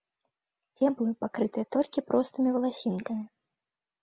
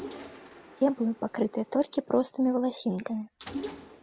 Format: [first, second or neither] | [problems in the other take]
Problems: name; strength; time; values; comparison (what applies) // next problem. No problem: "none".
first | background sound (Mechanisms); 15 dB below the speech